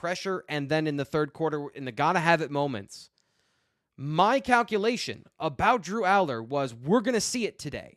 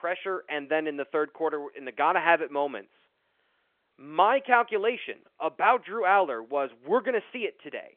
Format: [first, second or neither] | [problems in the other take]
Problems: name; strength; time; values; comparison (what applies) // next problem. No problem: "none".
first | phone-call audio